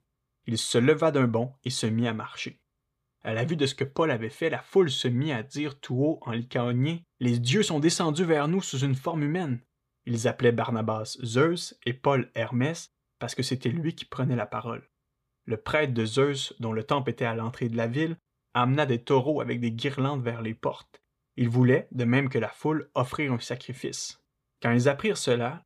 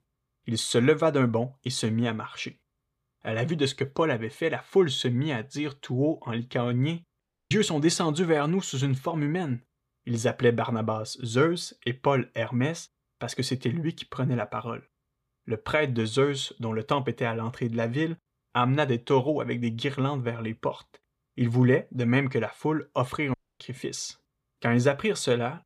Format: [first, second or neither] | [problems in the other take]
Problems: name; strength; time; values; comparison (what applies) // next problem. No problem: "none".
first | audio cutting out; at 7 s and at 23 s